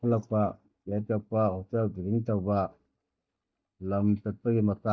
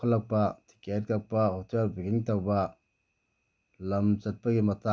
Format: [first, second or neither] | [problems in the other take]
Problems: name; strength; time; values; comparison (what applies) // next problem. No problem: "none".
second | noise reduction (neural mask model DeepFilterNet 3)